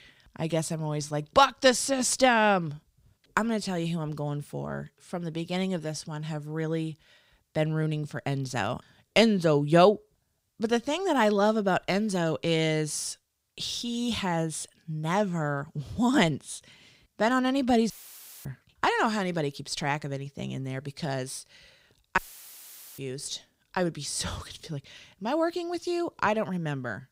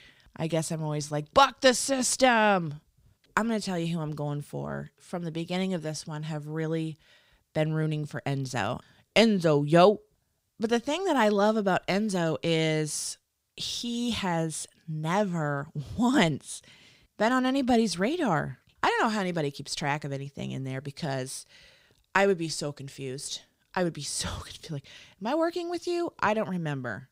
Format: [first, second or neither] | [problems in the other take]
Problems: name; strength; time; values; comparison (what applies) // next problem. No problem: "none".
second | audio cutting out; filled with static; at 18 s for 0.5 s and at 22 s for 1 s